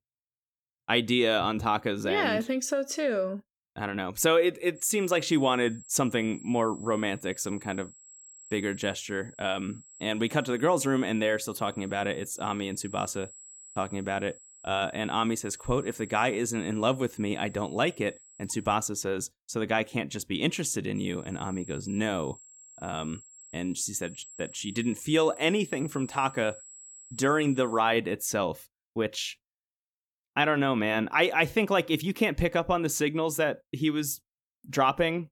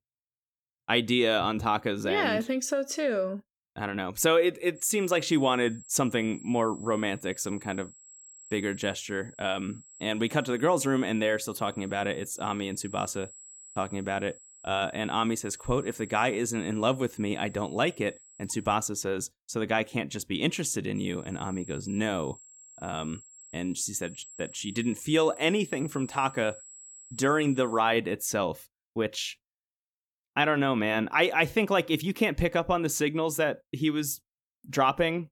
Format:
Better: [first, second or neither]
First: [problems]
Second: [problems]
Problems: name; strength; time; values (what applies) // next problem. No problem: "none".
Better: neither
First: high-pitched whine; noticeable; from 5 to 19 s and from 21 to 28 s; 7.5 kHz, 20 dB below the speech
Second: high-pitched whine; noticeable; from 5 to 19 s and from 21 to 28 s; 7.5 kHz, 20 dB below the speech